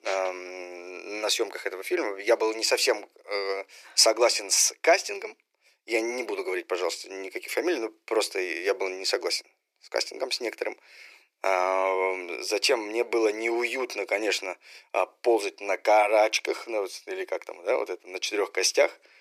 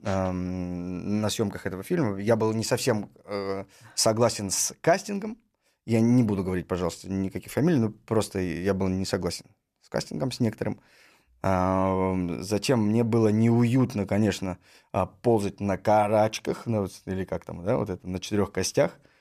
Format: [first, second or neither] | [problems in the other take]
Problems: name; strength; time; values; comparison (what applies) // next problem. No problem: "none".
second | thin; very; fading below 350 Hz